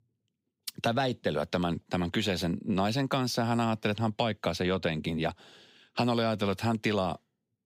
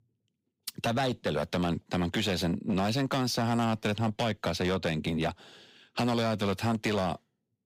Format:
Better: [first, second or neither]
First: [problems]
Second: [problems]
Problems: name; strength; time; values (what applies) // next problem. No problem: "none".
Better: first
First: none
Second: distortion; slight; 11% of the sound clipped